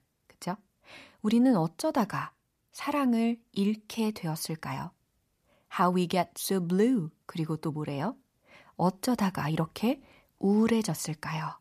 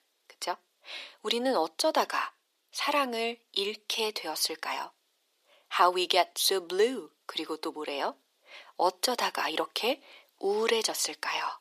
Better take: first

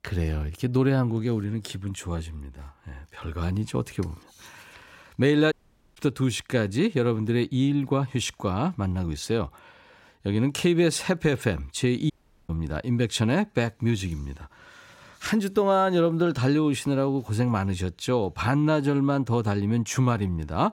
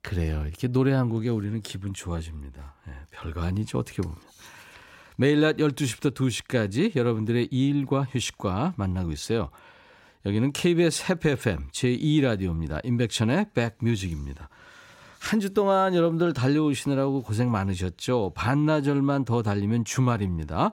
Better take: second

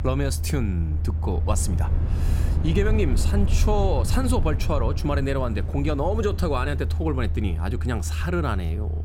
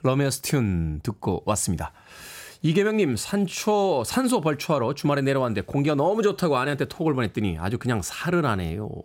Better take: second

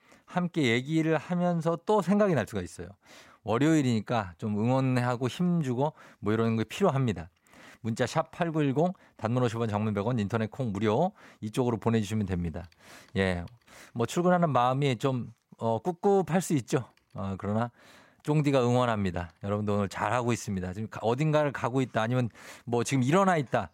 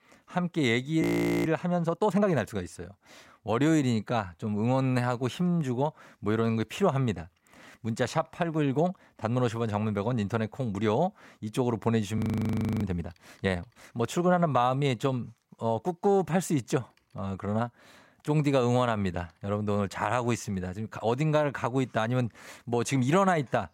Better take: first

